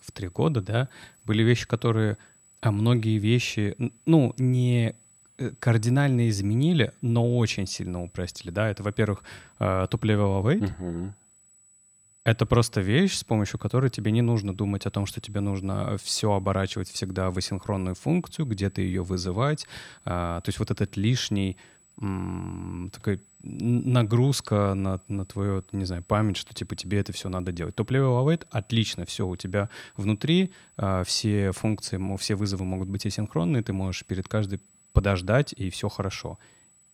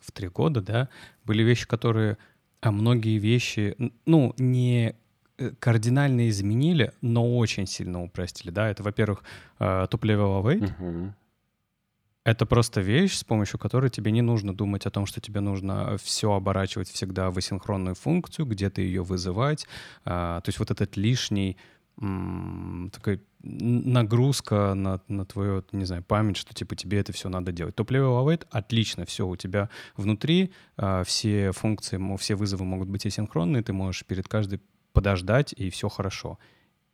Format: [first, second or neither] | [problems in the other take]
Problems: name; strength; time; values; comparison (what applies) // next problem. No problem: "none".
second | high-pitched whine; faint; throughout; 8 kHz, 30 dB below the speech